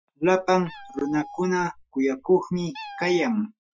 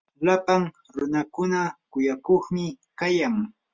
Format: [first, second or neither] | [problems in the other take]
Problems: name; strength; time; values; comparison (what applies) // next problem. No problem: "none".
second | noise reduction (classical method Wiener filter)